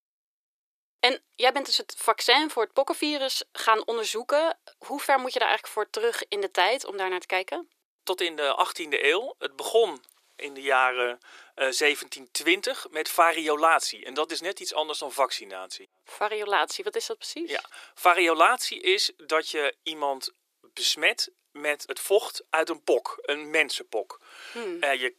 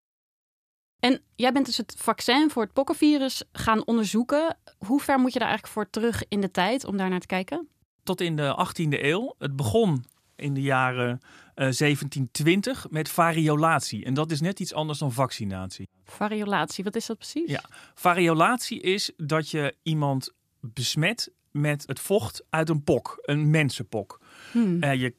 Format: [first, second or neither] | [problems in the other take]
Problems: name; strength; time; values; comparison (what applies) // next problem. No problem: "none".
second | thin; very; fading below 400 Hz